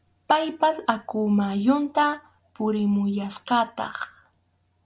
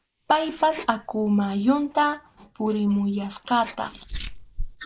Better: first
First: none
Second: noise reduction (neural mask model Resemble Enhance denoiser)

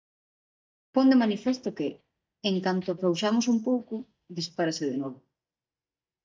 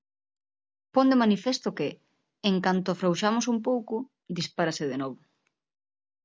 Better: second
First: noise reduction (neural mask model DeepFilterNet 3)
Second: none

